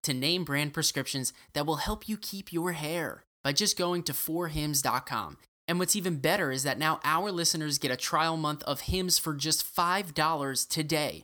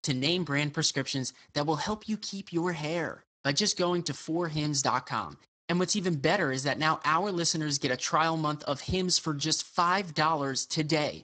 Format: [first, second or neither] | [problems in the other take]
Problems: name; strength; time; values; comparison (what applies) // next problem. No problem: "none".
first | garbled, watery; badly; nothing above 7.5 kHz